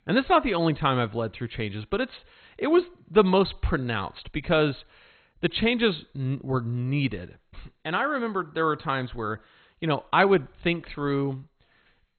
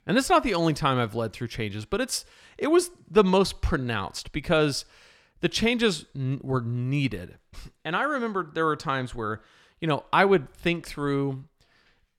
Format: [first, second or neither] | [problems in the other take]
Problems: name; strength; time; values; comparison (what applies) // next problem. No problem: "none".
second | garbled, watery; badly; nothing above 4 kHz